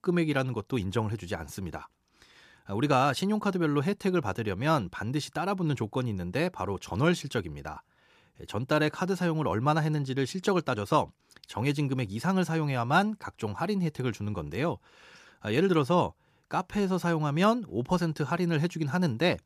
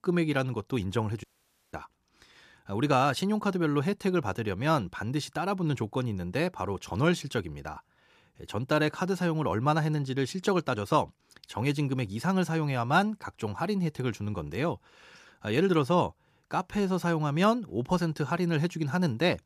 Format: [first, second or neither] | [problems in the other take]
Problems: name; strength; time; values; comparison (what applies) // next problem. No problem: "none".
first | audio cutting out; at 1 s